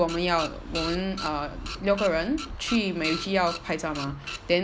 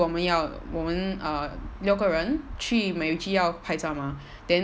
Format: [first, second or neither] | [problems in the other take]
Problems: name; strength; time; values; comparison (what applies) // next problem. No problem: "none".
second | background sound (Printer); 11 dB below the speech